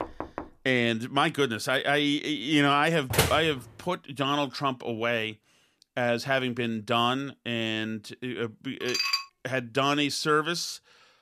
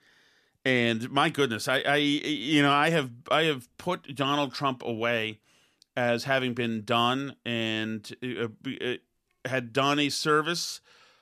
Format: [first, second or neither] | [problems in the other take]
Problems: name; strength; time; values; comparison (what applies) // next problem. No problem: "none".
second | door banging; noticeable; at the start; peak 10 dB below the speech // door banging; loud; at 3 s; peak 2 dB above the speech // clattering dishes; loud; at 9 s; peak 1 dB above the speech